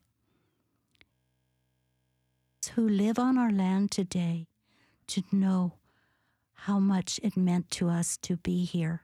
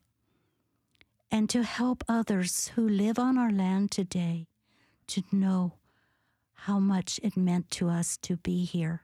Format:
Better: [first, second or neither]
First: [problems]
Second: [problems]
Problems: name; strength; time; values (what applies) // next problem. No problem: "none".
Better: second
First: audio freezing; at 1 s for 1.5 s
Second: none